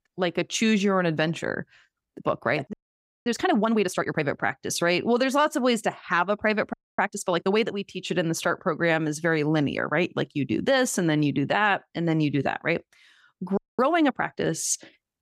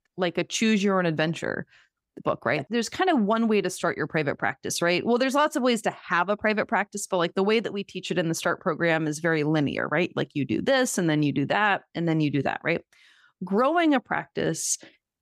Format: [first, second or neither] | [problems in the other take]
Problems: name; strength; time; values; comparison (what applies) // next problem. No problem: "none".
second | audio freezing; at 2.5 s for 0.5 s, at 6.5 s and at 14 s